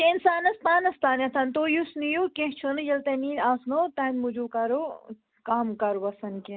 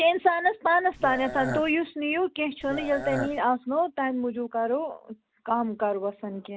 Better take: first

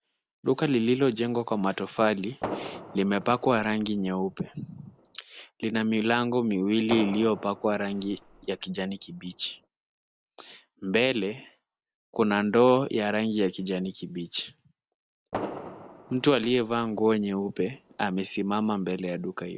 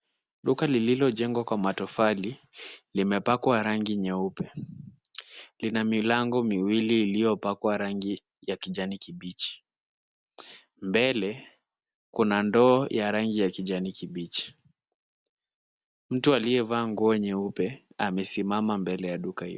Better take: second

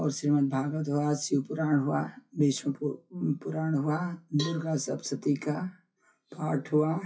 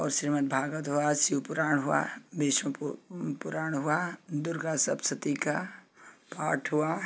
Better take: second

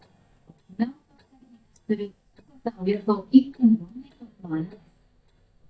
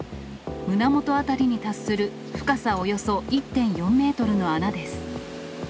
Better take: second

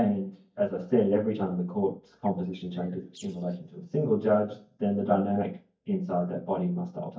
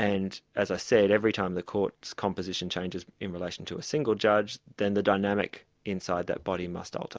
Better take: second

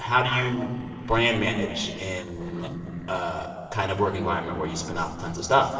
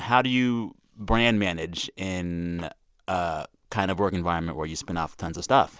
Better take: second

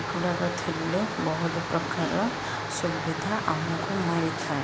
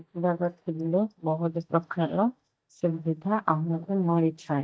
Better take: first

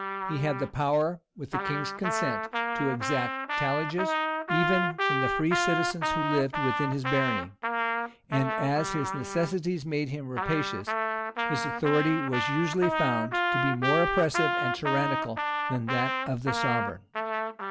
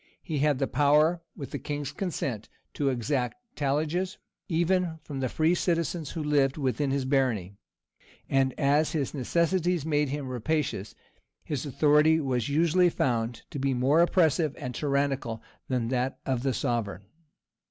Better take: second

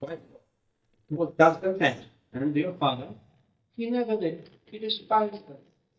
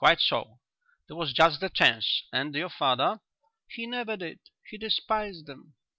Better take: second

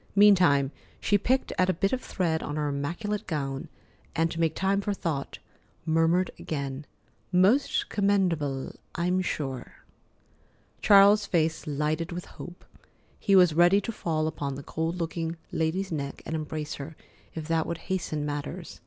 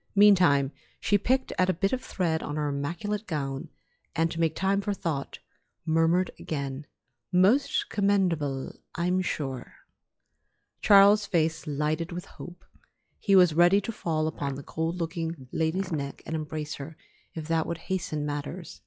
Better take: first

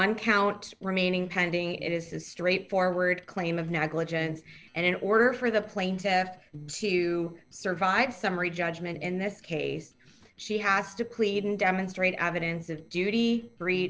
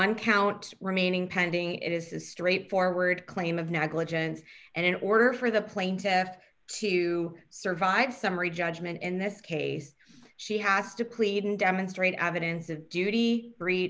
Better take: second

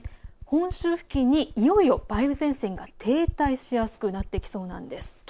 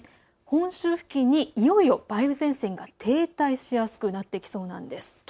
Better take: second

